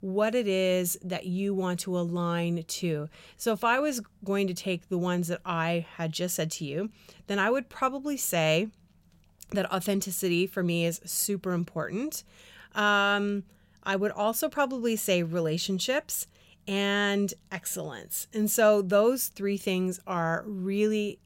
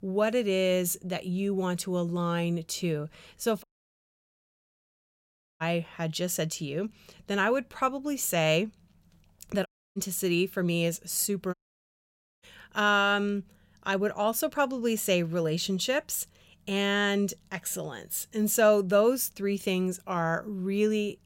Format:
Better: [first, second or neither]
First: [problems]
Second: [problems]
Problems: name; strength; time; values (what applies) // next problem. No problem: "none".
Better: first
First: none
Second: audio cutting out; at 3.5 s for 2 s, at 9.5 s and at 12 s for 1 s